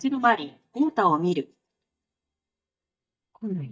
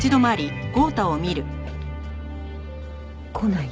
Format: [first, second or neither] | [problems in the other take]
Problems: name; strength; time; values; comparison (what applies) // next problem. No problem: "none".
second | noise reduction (neural mask model DeepFilterNet 3)